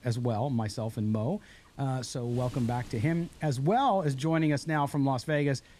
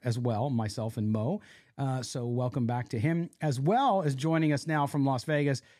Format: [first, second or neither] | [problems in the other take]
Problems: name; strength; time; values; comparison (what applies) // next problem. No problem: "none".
second | wind noise on the microphone; occasional gusts; 25 dB below the speech